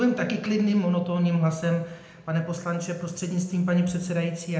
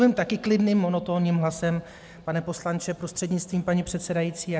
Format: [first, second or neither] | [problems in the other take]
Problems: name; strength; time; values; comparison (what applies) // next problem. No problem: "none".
second | room echo; dies away in 0.7 s